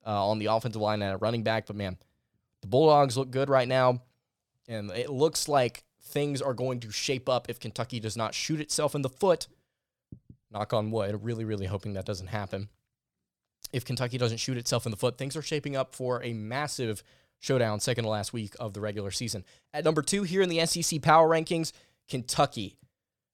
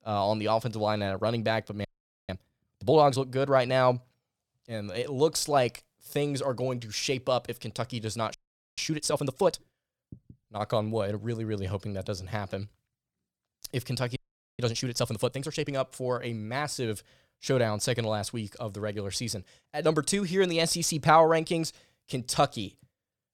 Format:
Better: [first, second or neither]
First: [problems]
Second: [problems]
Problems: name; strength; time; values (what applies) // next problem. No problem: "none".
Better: first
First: none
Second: audio freezing; at 2 s, at 8.5 s and at 14 s